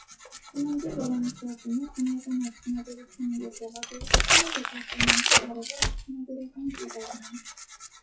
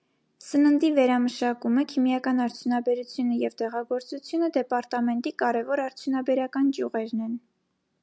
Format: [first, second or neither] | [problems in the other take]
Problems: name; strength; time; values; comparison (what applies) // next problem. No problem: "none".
second | noise reduction (classical method WPE with log-MMSE)